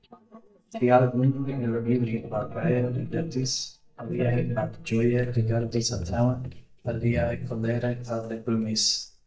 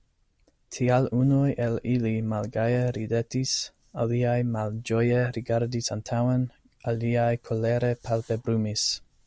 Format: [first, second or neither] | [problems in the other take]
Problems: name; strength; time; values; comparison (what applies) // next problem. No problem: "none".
second | noise reduction (neural mask model DeepFilterNet 3)